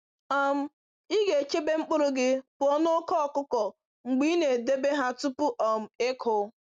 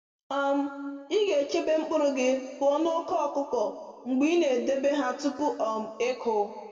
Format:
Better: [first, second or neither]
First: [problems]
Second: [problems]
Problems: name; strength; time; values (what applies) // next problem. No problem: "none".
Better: first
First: none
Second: room echo; dies away in 1.8 s